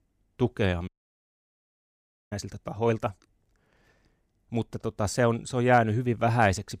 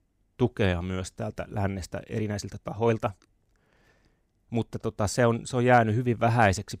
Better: second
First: audio cutting out; at 1 s for 1.5 s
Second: none

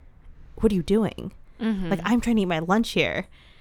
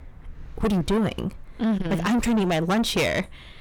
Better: first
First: none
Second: distortion; heavy; 6 dB below the speech

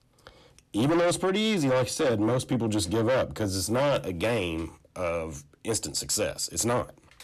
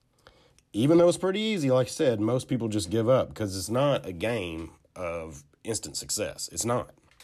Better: second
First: distortion; heavy; 7 dB below the speech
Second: none

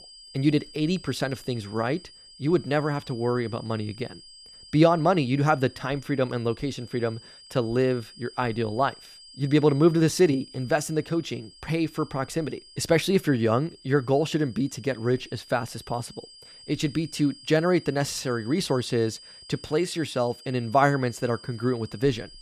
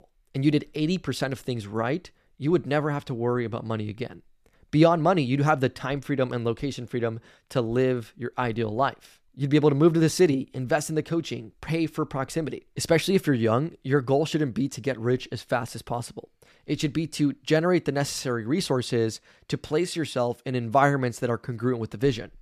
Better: second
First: high-pitched whine; faint; throughout; 5 kHz, 20 dB below the speech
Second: none

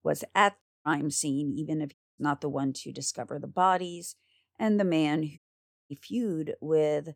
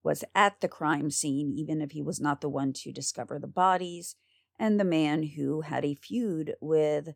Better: second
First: audio cutting out; at 0.5 s, at 2 s and at 5.5 s for 0.5 s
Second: none

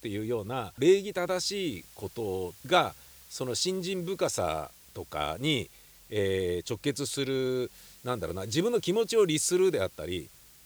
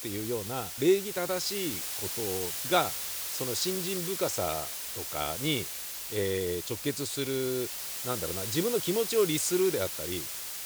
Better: first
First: hiss; faint; throughout; 20 dB below the speech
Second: hiss; loud; throughout; 2 dB below the speech

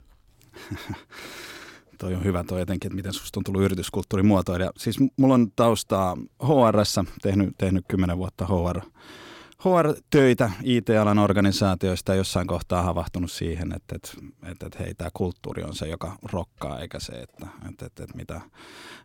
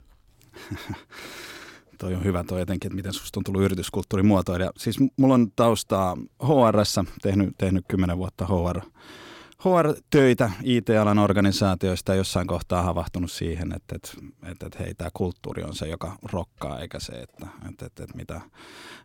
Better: neither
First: none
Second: none

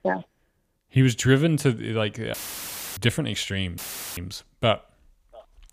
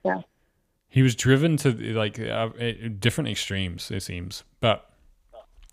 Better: second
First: audio cutting out; filled with static; at 2.5 s for 0.5 s and at 4 s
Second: none

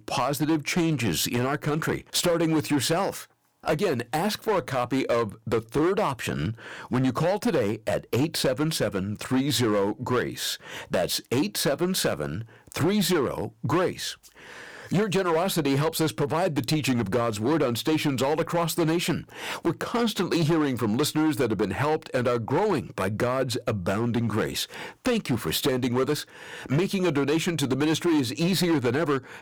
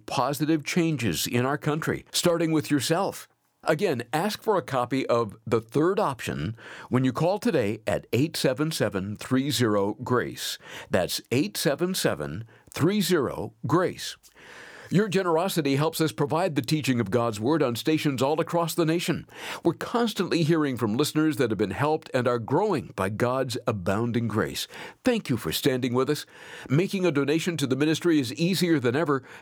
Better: second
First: distortion; slight; 10% of the sound clipped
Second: none

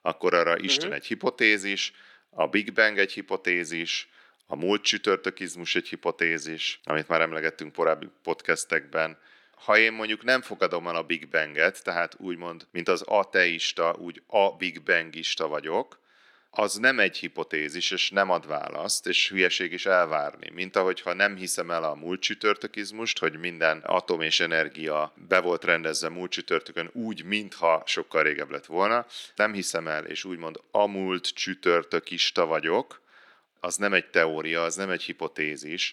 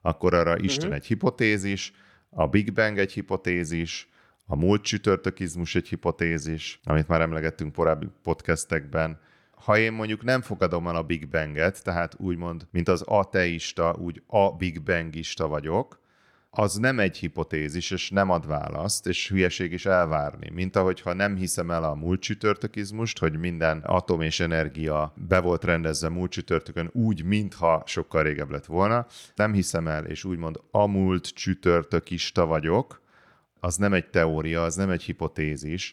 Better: second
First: thin; somewhat; fading below 300 Hz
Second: none

